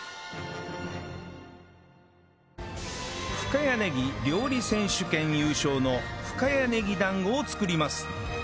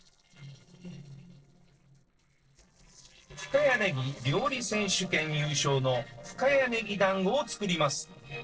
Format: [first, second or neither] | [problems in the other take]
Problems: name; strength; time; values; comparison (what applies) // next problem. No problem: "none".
first | noise reduction (neural separator model SepFormer DNS4)